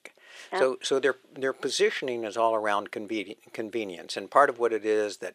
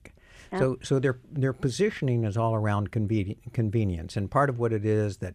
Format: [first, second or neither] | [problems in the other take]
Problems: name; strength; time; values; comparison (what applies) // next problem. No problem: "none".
second | thin; very; fading below 400 Hz